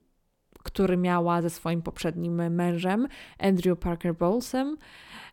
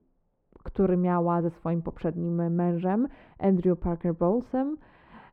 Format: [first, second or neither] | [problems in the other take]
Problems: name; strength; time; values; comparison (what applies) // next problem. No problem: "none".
first | muffled; very; fading above 3 kHz